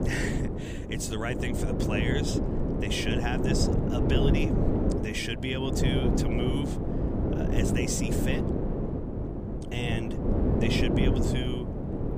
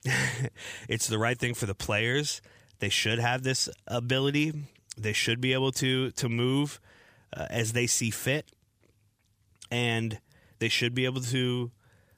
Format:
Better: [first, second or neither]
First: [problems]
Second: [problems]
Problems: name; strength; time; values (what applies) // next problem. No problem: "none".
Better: second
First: wind noise on the microphone; heavy; as loud as the speech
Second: none